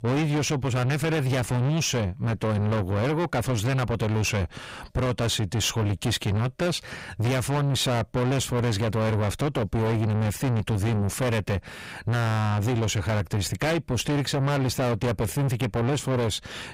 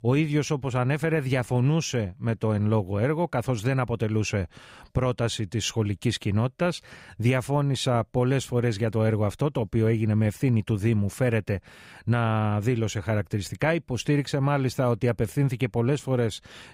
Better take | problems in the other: second | distortion; heavy; 5 dB below the speech

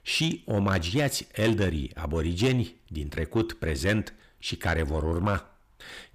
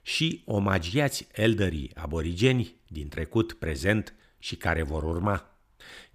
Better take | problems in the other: second | distortion; slight; 10 dB below the speech

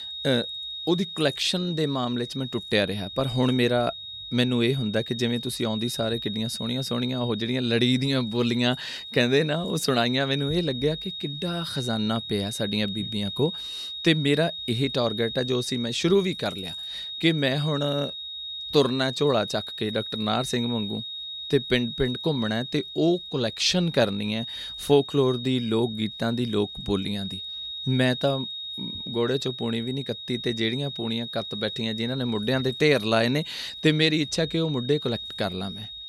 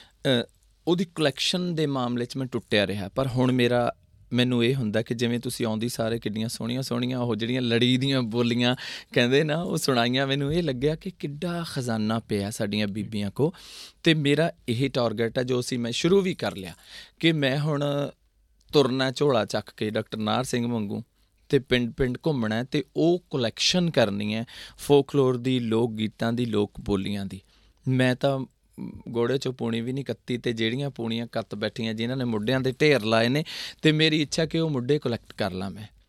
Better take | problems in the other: second | high-pitched whine; loud; throughout; 3.5 kHz, 8 dB below the speech

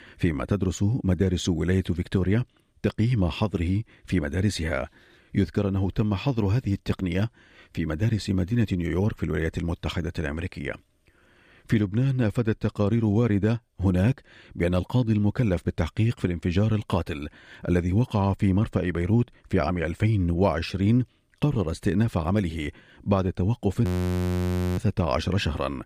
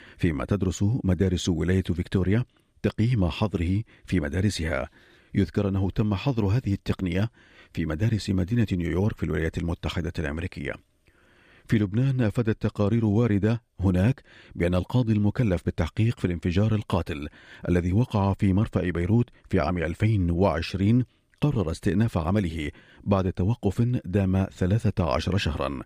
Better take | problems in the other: second | audio freezing; at 24 s for 1 s

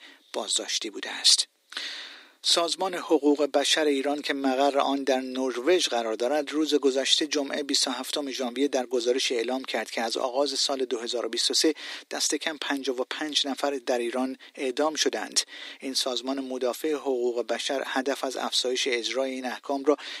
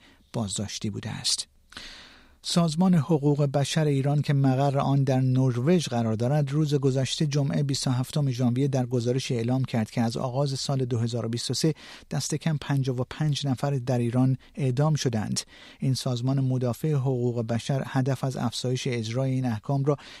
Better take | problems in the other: second | thin; somewhat; fading below 300 Hz

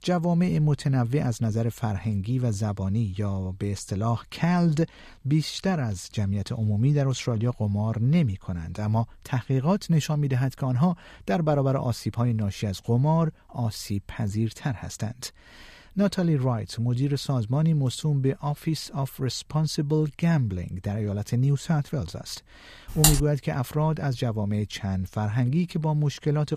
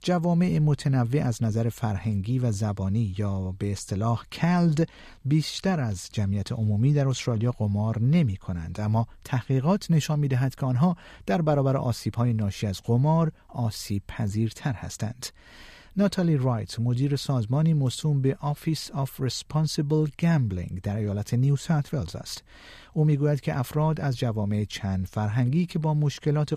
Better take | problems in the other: second | keyboard typing; loud; at 23 s; peak 5 dB above the speech

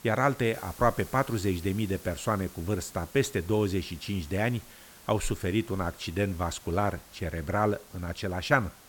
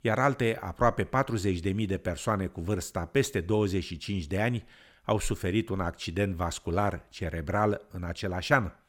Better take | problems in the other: second | hiss; noticeable; throughout; 20 dB below the speech

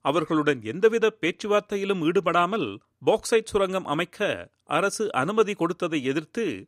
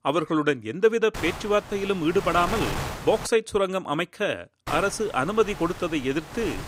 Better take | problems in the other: first | wind noise on the microphone; occasional gusts; from 1 to 3.5 s and from 4.5 s on; 10 dB below the speech

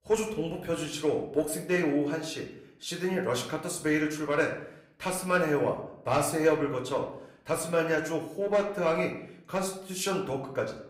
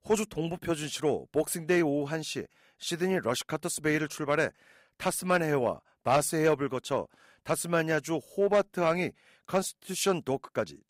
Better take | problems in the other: second | room echo; slight; dies away in 0.5 s // off-mic speech; somewhat distant

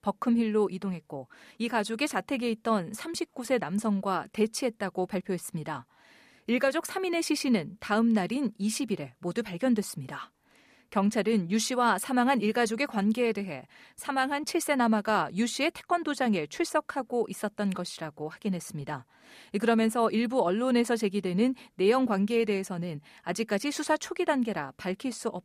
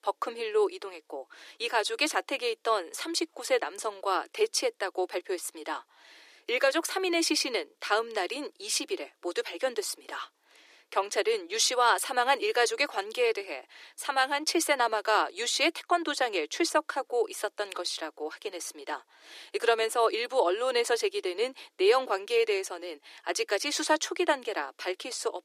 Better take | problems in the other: first | thin; very; fading below 300 Hz

